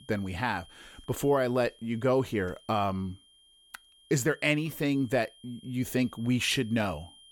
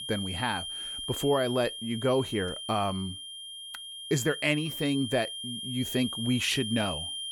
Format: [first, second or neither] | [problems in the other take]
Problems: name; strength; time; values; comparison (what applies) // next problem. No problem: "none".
first | high-pitched whine; loud; throughout; 3 kHz, 6 dB below the speech; faint in the first